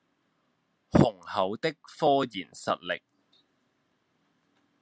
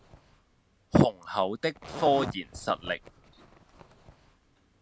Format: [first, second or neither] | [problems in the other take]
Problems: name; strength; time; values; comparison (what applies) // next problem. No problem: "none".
first | background sound (Zipper (clothing)); 15 dB below the speech